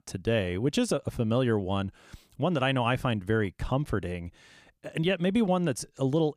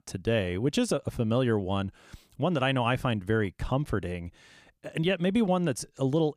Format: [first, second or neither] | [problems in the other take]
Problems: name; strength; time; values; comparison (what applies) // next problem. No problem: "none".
neither | none